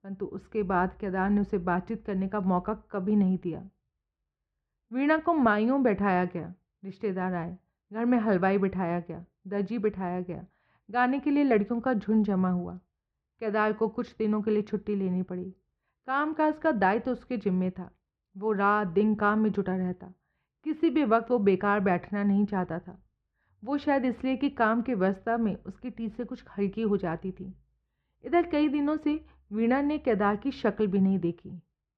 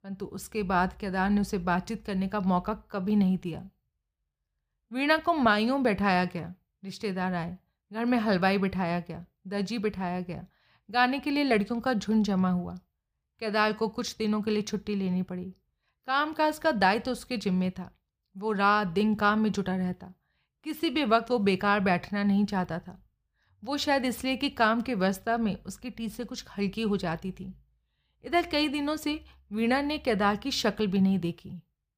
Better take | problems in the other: second | muffled; very; fading above 1.5 kHz

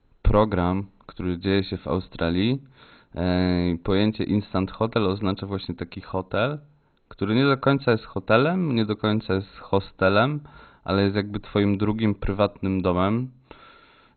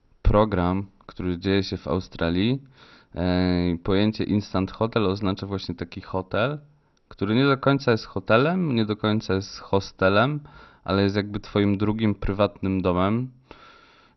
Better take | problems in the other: second | garbled, watery; badly; nothing above 4 kHz; slightly in the second

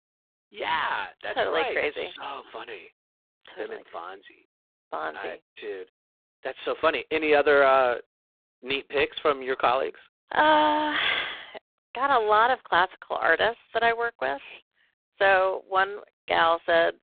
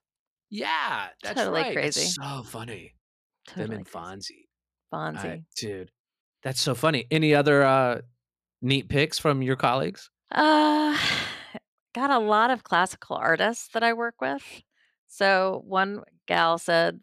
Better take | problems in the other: second | phone-call audio; poor line; nothing above 3.5 kHz

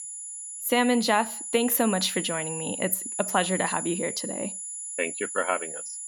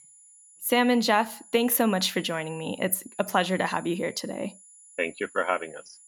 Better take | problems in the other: second | high-pitched whine; loud; throughout; 10 kHz, 5 dB below the speech; faint in the second

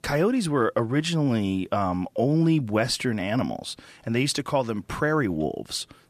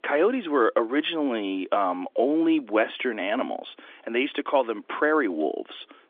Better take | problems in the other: first | phone-call audio; nothing above 3.5 kHz

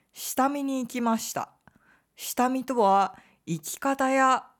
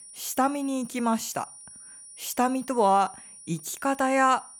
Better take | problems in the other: first | high-pitched whine; noticeable; throughout; 9.5 kHz, 20 dB below the speech

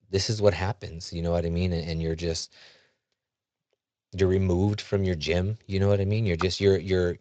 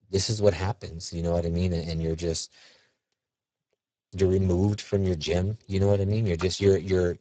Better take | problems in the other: first | garbled, watery; badly; nothing above 8 kHz; slightly in the first

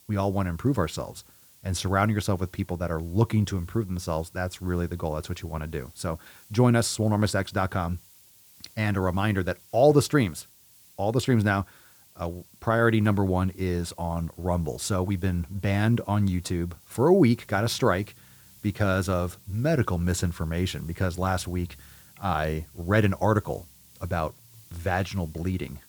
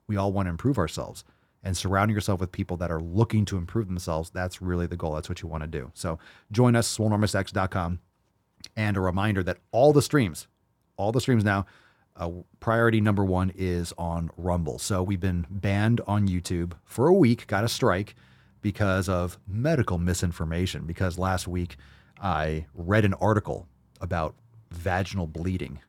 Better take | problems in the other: second | hiss; faint; throughout; 25 dB below the speech

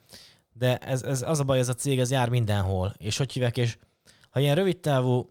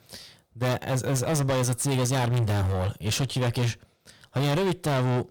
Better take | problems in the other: first | distortion; heavy; 28% of the sound clipped

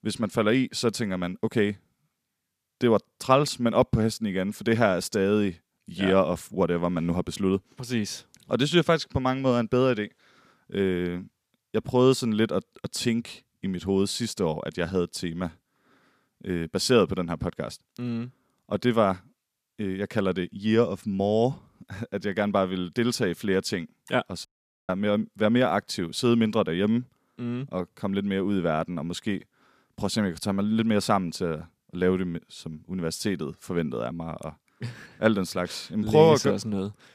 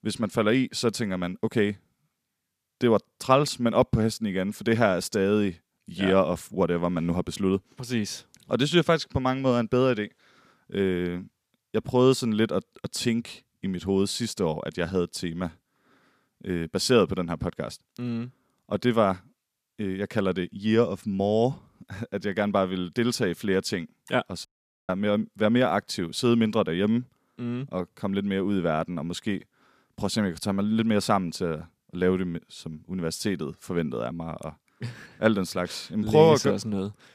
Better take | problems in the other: neither | audio cutting out; at 24 s; the same in both

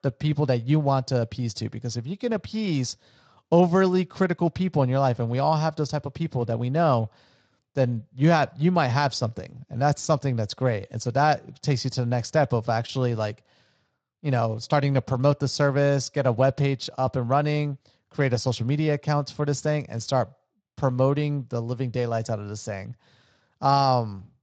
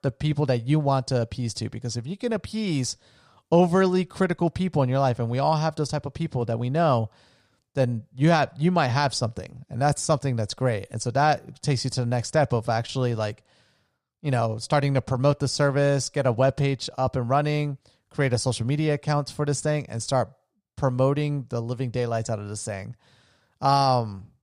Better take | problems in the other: second | garbled, watery; slightly; nothing above 7.5 kHz

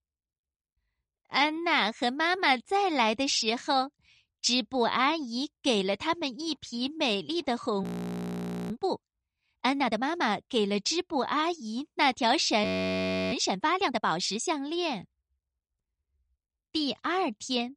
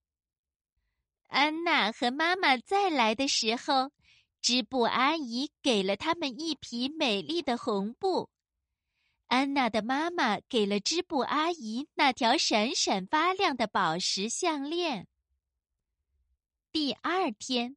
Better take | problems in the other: second | audio freezing; at 8 s for 1 s and at 13 s for 0.5 s

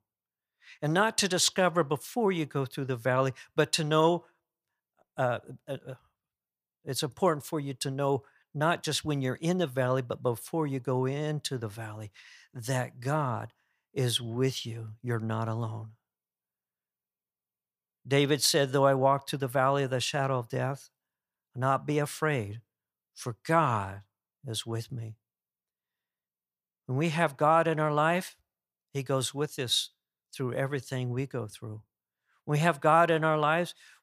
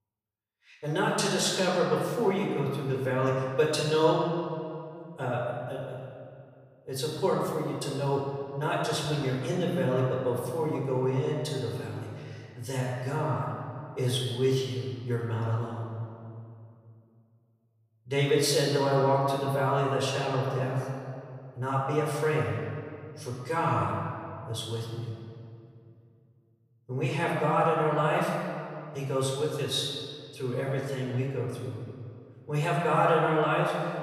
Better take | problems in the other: first | off-mic speech; far // room echo; noticeable; dies away in 2.1 s

